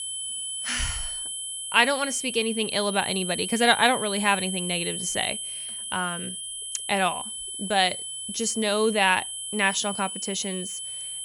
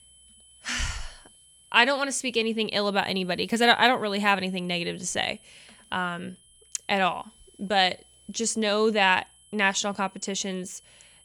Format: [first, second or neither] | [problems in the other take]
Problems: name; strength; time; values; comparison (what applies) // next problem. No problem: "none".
second | high-pitched whine; loud; throughout; 10.5 kHz, 6 dB below the speech; faint in the second